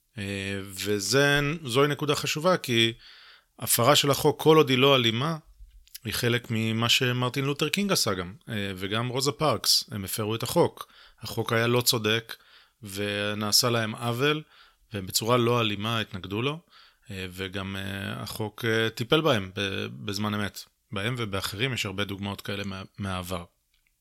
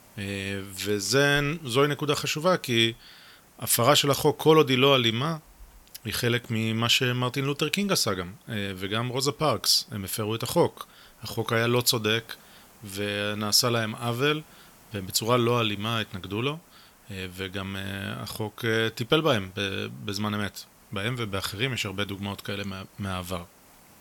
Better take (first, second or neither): first